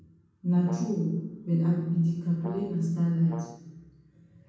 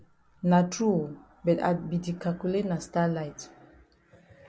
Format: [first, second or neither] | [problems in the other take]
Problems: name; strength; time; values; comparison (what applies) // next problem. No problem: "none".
second | background sound (Brass instrument); 17 dB below the speech // room echo; dies away in 1.2 s